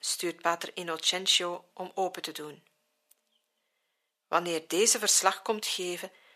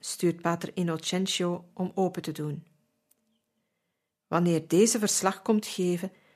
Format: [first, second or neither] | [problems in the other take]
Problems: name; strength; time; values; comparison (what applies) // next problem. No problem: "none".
second | thin; very; fading below 600 Hz